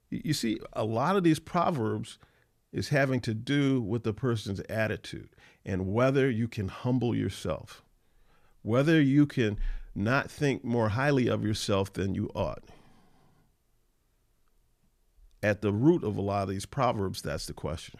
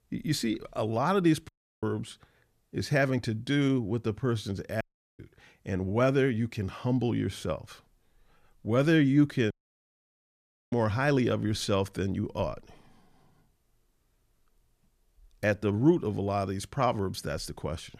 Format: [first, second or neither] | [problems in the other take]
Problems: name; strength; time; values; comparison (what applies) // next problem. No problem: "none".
first | audio cutting out; at 1.5 s, at 5 s and at 9.5 s for 1 s